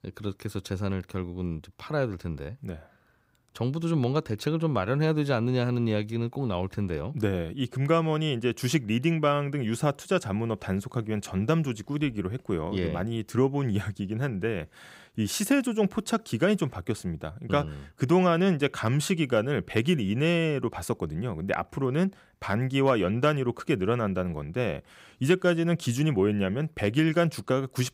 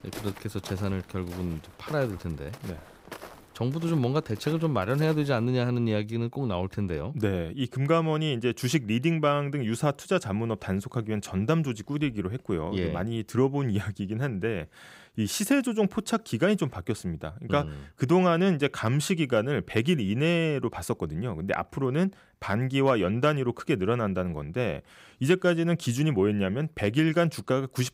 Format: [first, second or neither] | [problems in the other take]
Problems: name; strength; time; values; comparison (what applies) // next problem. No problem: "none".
first | footsteps; faint; until 5.5 s; peak 15 dB below the speech